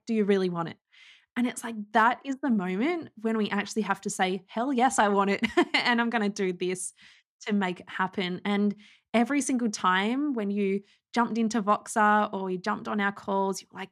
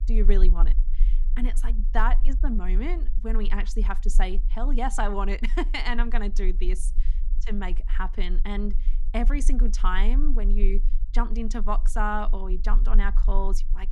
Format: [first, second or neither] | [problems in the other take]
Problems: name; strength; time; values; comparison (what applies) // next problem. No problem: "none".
first | low rumble; faint; throughout; 20 dB below the speech